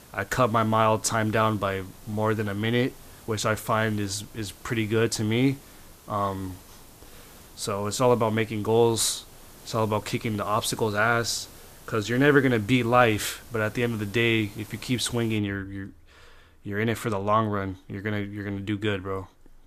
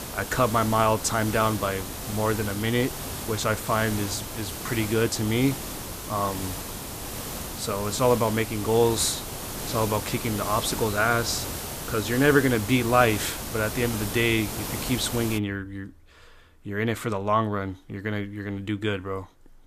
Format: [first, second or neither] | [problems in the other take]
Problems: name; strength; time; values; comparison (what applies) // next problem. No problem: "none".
first | hiss; loud; until 15 s; 7 dB below the speech; faint in the first